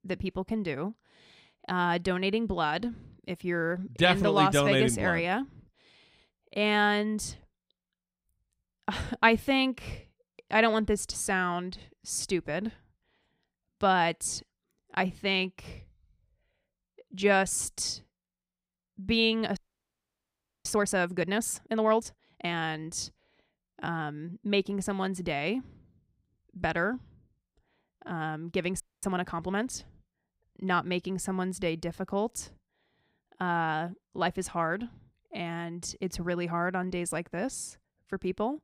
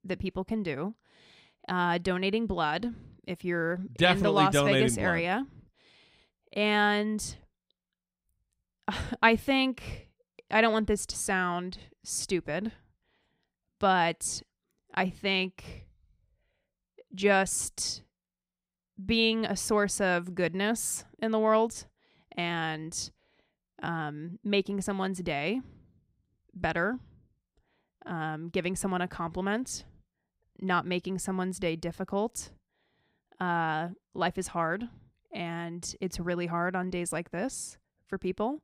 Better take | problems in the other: second | audio freezing; at 20 s for 1 s and at 29 s

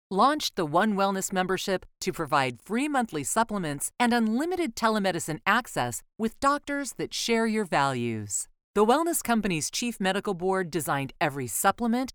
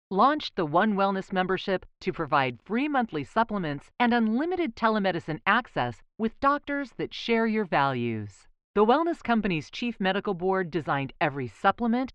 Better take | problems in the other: first | muffled; slightly; fading above 3.5 kHz

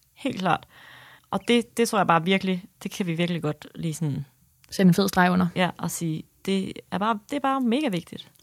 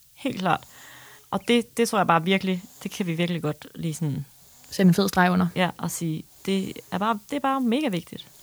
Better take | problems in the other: first | hiss; faint; throughout; 25 dB below the speech

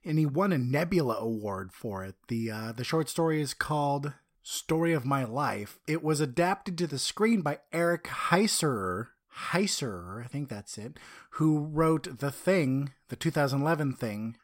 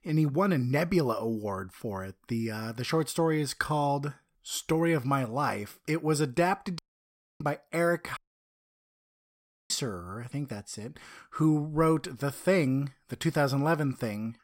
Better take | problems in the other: first | audio cutting out; at 7 s for 0.5 s and at 8 s for 1.5 s

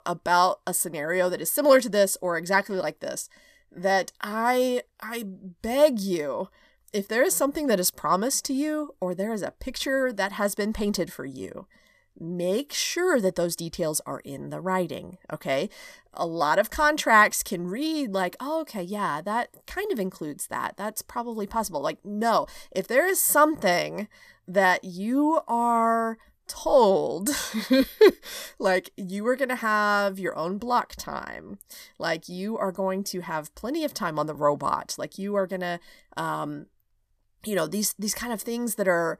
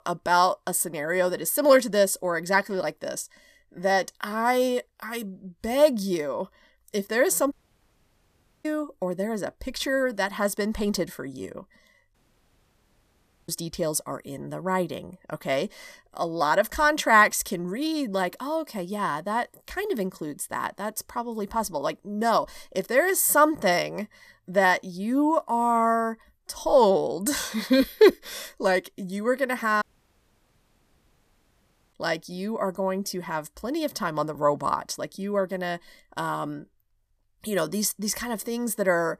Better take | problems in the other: first | audio cutting out; at 7.5 s for 1 s, at 12 s for 1.5 s and at 30 s for 2 s

